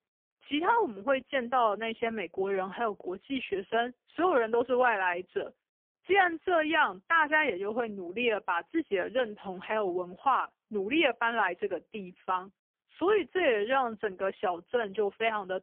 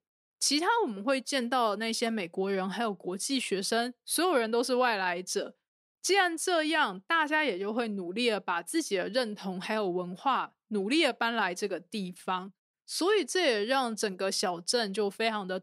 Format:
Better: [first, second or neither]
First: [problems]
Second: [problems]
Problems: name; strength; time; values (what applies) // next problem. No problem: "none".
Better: second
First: phone-call audio; poor line; nothing above 3 kHz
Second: none